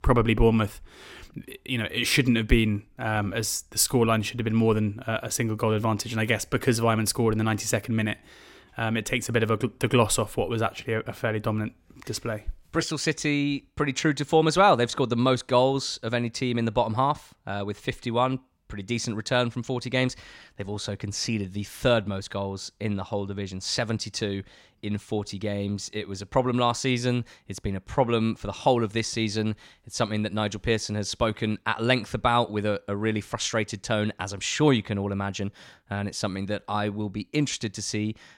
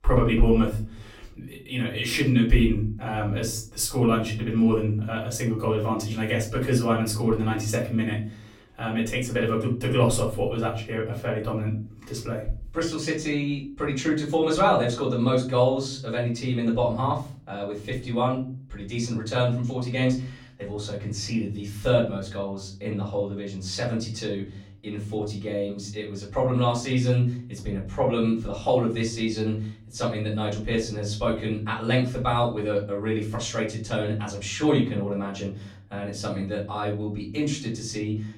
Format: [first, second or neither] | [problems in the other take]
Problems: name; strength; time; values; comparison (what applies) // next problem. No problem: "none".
first | room echo; slight; dies away in 0.6 s // off-mic speech; far